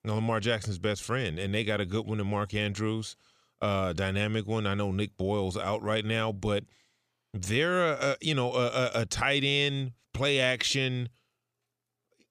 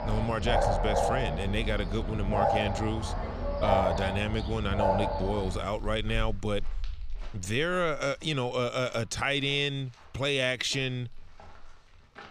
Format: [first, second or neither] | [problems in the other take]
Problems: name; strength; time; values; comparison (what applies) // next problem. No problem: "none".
first | animal sounds; loud; throughout; 1 dB below the speech